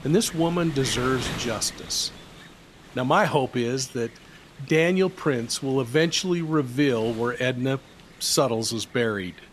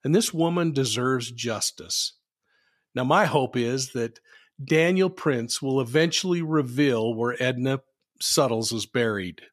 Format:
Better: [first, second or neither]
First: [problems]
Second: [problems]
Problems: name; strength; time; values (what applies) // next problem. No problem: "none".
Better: second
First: wind noise on the microphone; occasional gusts; 15 dB below the speech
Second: none